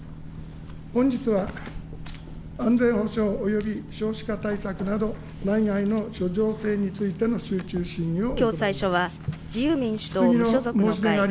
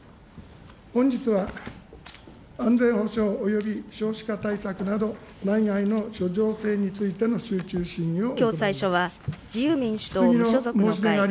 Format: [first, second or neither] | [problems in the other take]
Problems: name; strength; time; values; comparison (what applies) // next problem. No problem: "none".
second | background sound (Boat, Water vehicle); 13 dB below the speech